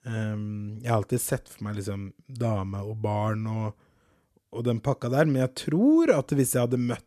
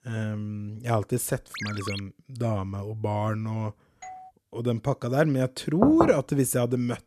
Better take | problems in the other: first | phone ringing; noticeable; at 1.5 s; peak 7 dB below the speech // doorbell; faint; at 4 s; peak 15 dB below the speech // door banging; loud; at 6 s; peak 2 dB above the speech

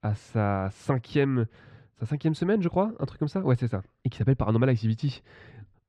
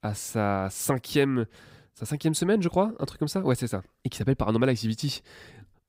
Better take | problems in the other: second | muffled; slightly; fading above 3 kHz

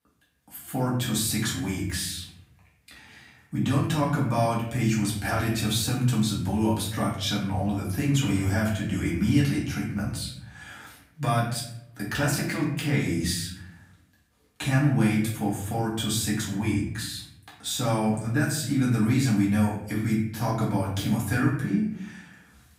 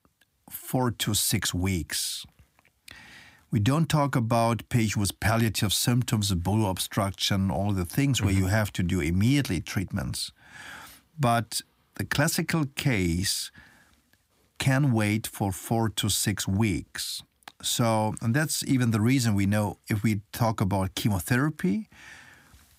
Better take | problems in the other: second | off-mic speech; far // room echo; noticeable; dies away in 0.6 s

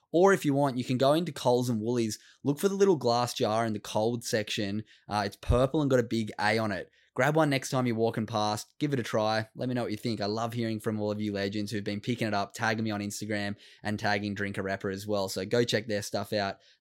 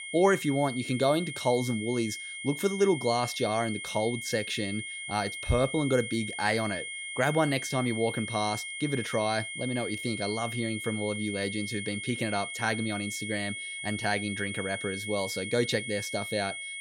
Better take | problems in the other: first | high-pitched whine; loud; throughout; 2 kHz, 6 dB below the speech

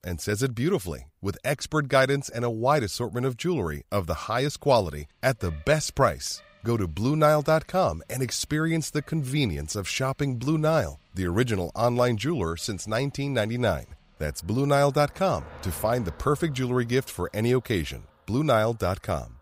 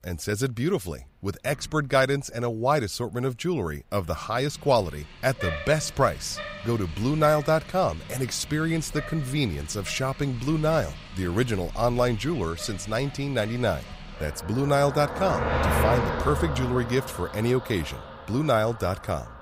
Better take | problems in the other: first | traffic noise; loud; throughout; 8 dB below the speech; faint in the first

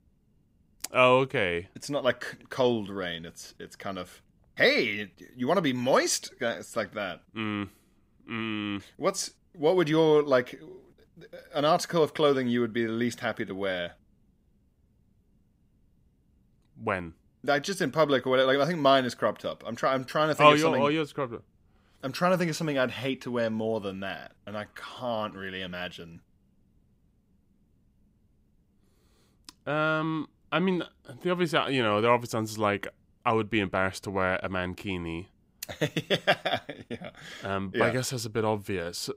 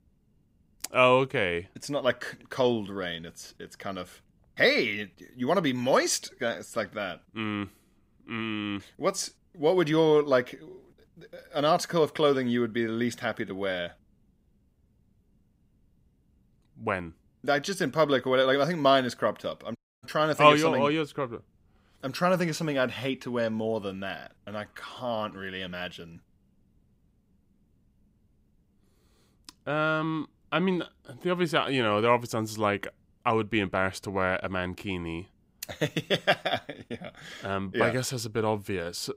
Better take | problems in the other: first | audio cutting out; at 20 s

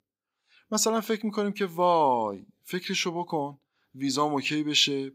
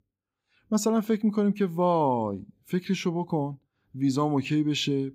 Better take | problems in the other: second | thin; somewhat; fading below 850 Hz

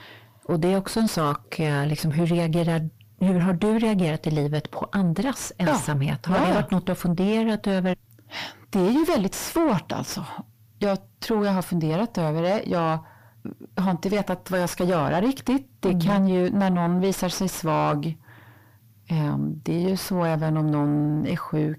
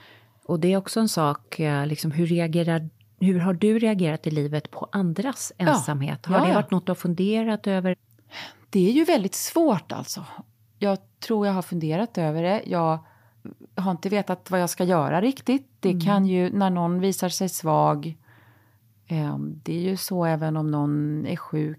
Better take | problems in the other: second | distortion; heavy; 6 dB below the speech

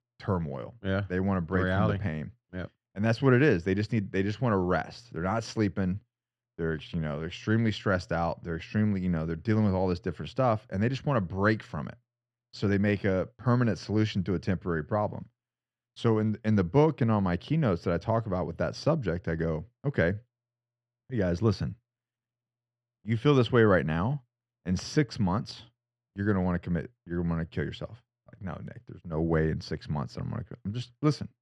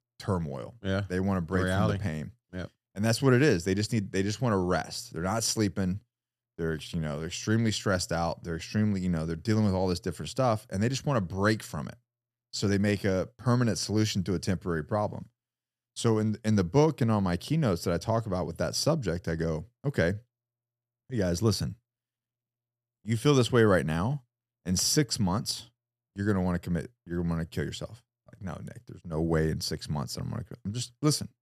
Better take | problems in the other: second | muffled; slightly; fading above 2.5 kHz

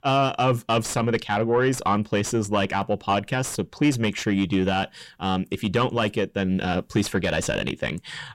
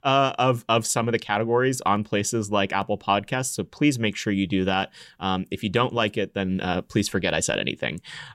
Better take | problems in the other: second | distortion; slight; 10 dB below the speech

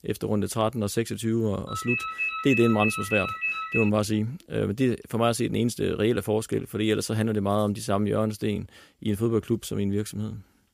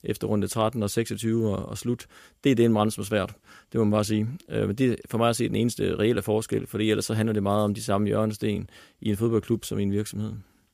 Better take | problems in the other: second | phone ringing; loud; from 1.5 to 4 s; peak 1 dB above the speech

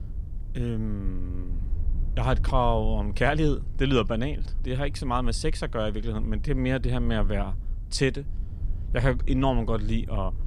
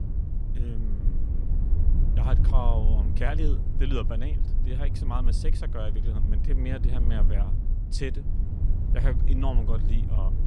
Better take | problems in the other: first | low rumble; loud; throughout; 6 dB below the speech; faint in the first

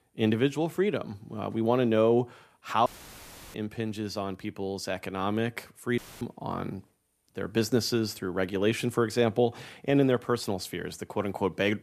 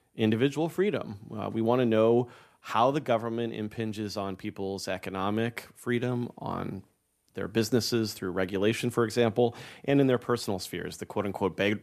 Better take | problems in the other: second | audio cutting out; filled with static; at 3 s for 0.5 s and at 6 s

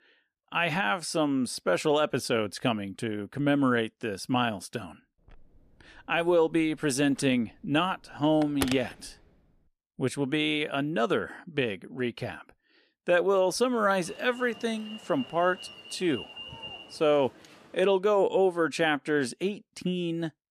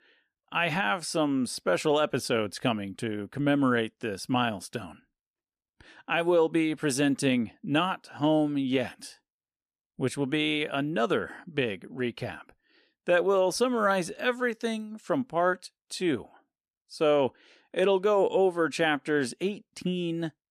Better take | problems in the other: second | phone ringing; noticeable; from 7 to 8.5 s; peak 6 dB below the speech // alarm; faint; from 14 to 18 s; peak 10 dB below the speech

